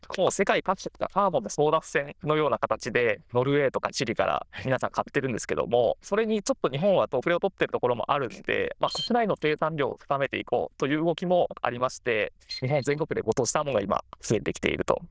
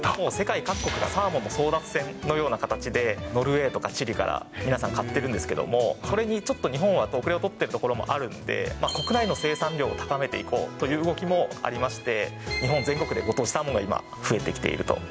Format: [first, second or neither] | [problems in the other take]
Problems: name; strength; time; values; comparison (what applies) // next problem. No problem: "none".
second | noise reduction (neural diffusion model UNIVERSE++)